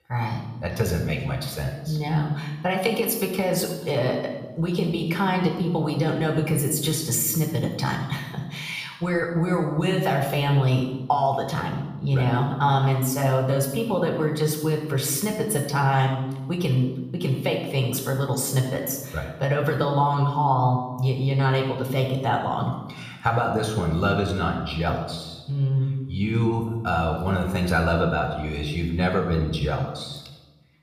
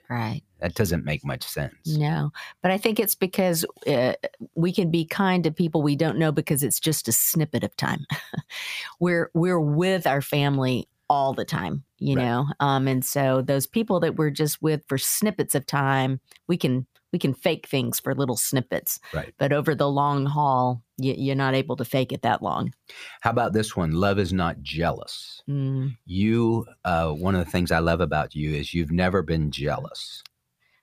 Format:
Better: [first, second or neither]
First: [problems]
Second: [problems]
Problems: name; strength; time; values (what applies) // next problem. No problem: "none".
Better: second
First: off-mic speech; somewhat distant // room echo; noticeable; dies away in 0.9 s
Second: none